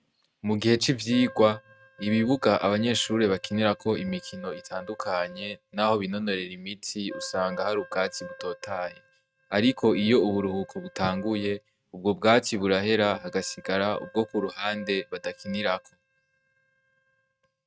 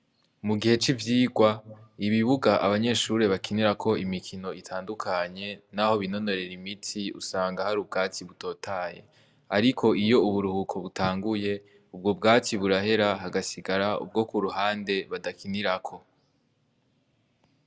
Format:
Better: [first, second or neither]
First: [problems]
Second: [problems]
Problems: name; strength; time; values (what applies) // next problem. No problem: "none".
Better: second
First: noise reduction (neural mask model RNNoise)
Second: none